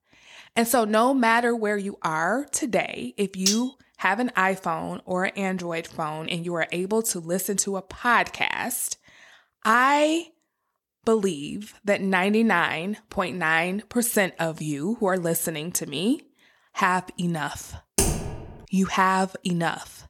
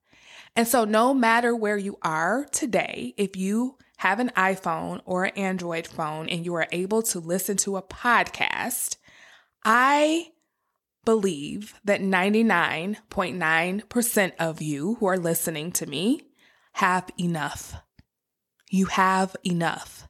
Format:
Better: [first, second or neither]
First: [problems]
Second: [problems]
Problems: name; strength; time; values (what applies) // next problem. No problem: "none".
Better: second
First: clattering dishes; loud; at 3.5 s; peak level with the speech // keyboard typing; loud; at 18 s; peak 1 dB above the speech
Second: none